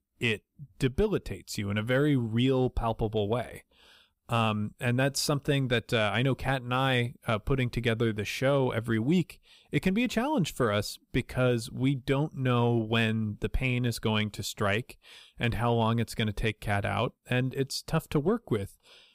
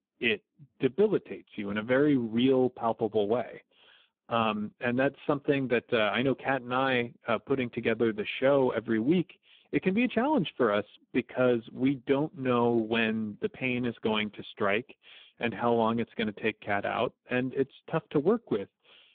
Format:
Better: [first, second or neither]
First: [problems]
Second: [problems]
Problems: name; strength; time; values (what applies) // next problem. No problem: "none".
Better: first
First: none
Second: phone-call audio; poor line